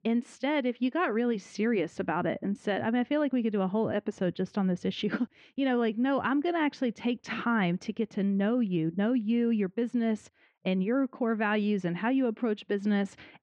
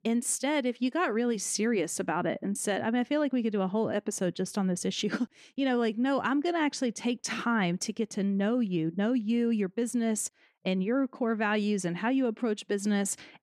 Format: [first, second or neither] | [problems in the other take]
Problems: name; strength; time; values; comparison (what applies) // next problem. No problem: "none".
second | muffled; very; fading above 3.5 kHz